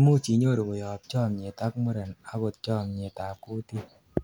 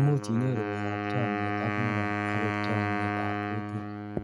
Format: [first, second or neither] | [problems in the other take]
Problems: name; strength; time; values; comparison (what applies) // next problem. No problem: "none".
first | noise reduction (neural mask model RNNoise)